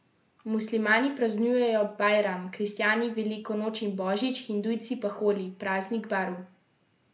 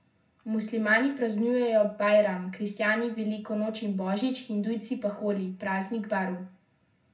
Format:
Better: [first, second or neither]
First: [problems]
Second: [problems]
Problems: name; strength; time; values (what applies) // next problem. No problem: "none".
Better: first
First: none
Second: room echo; dies away in 0.4 s